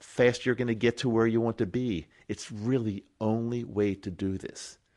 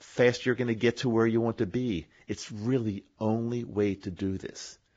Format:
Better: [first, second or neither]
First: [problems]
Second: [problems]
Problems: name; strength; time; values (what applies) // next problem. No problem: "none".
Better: first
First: garbled, watery; slightly; nothing above 10 kHz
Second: garbled, watery; badly; nothing above 7.5 kHz